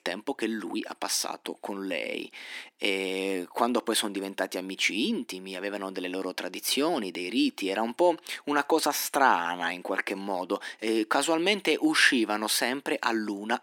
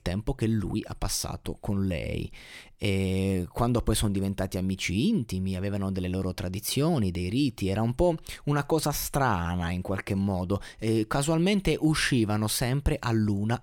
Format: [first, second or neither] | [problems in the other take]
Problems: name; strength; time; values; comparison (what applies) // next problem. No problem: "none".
second | thin; somewhat; fading below 250 Hz